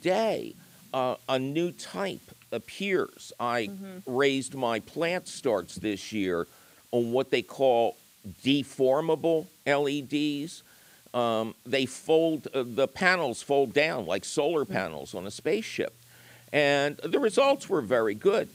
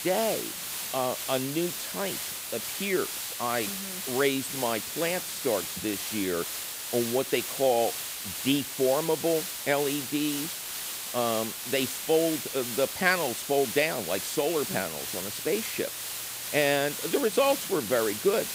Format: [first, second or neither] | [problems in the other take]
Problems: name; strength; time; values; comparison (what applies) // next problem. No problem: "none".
first | hiss; loud; throughout; 4 dB below the speech; faint in the first